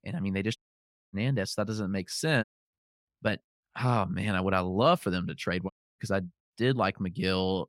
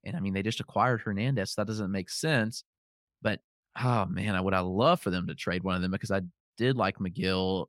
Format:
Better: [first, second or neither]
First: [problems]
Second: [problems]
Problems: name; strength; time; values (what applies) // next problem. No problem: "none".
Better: second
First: audio cutting out; at 0.5 s for 0.5 s, at 2.5 s and at 5.5 s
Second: none